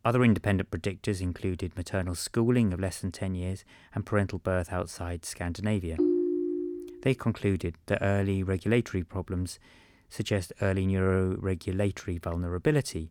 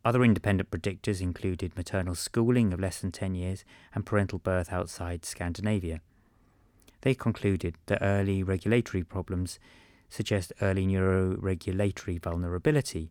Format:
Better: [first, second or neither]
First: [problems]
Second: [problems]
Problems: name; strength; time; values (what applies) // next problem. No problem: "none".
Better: second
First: phone ringing; loud; at 6 s; peak 3 dB above the speech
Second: none